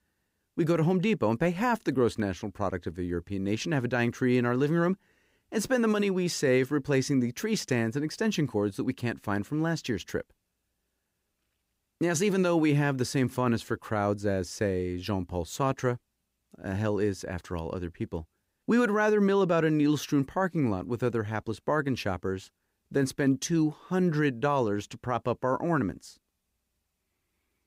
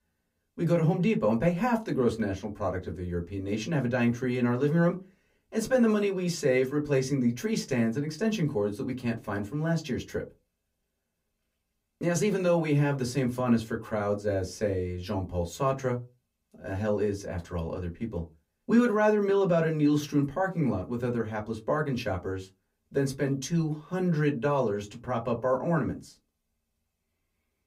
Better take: first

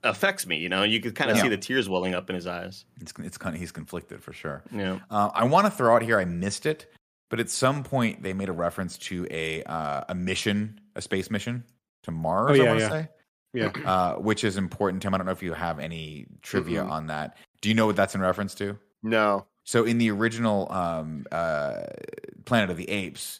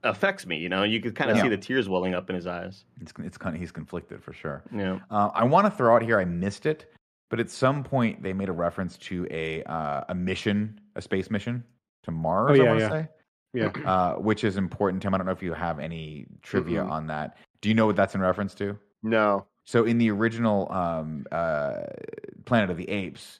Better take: first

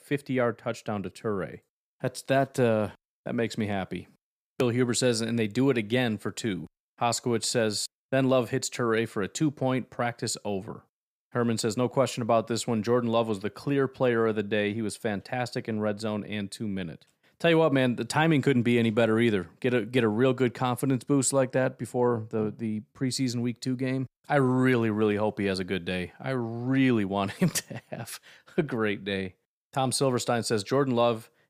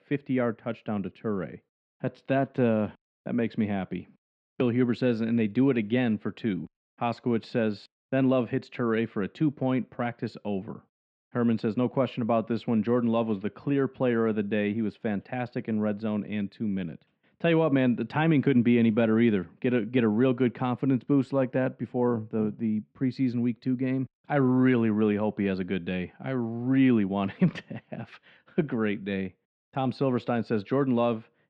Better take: first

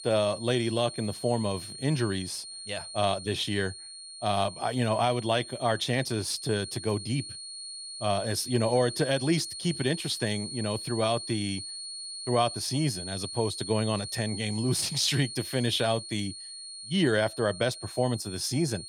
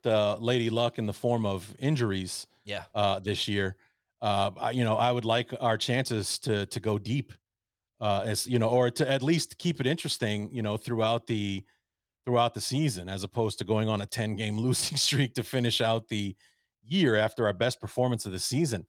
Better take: second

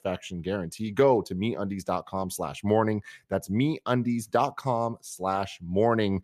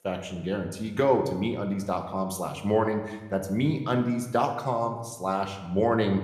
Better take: first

